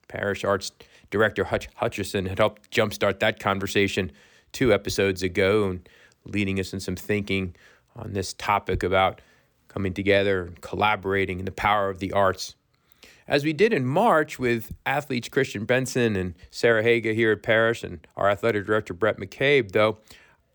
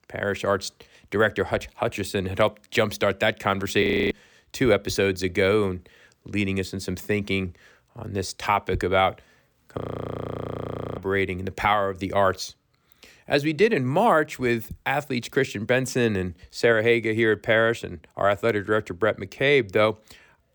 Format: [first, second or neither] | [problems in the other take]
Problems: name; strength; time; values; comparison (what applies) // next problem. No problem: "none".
first | audio freezing; at 4 s and at 10 s for 1 s